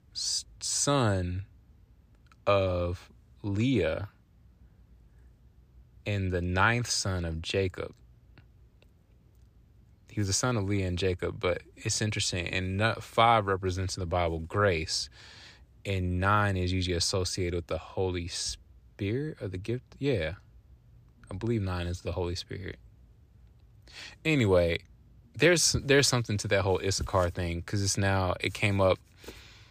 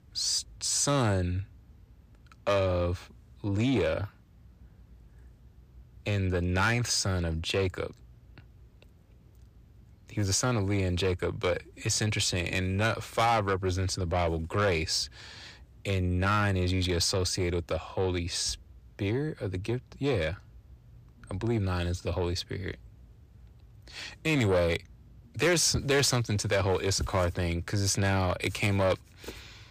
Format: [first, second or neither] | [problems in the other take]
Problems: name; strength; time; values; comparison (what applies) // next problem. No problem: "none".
first | distortion; slight; 10 dB below the speech